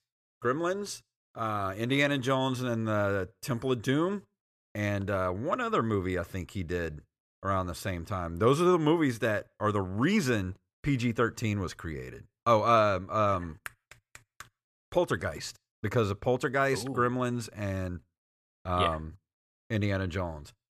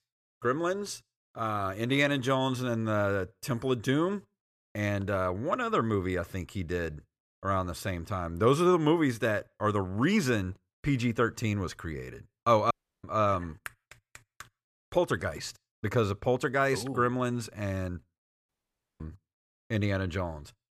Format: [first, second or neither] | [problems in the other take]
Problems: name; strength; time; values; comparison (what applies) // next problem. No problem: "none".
first | audio cutting out; at 13 s and at 18 s for 0.5 s